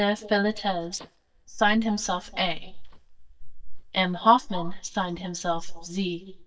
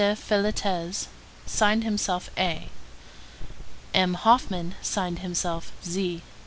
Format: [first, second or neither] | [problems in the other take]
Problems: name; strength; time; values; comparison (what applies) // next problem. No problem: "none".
second | noise reduction (neural mask model DeepFilterNet 3)